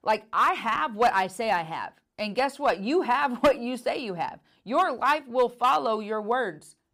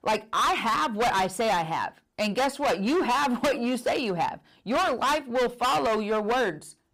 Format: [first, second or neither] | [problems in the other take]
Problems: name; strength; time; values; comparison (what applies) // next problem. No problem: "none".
first | distortion; heavy; 21% of the sound clipped